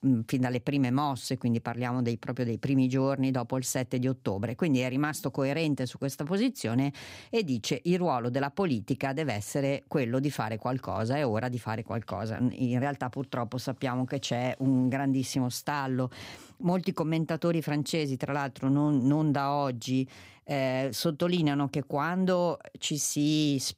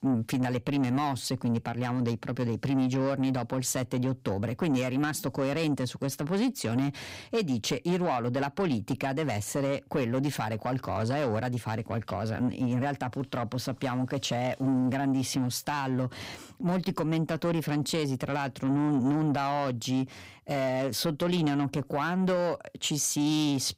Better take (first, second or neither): first